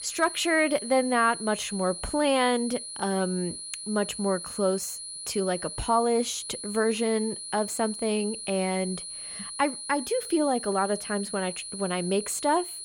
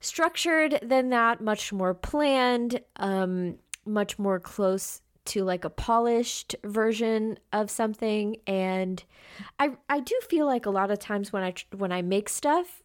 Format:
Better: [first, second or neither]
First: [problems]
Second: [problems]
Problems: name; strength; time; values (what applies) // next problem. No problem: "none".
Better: second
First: high-pitched whine; loud; throughout; 10 kHz, 8 dB below the speech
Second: none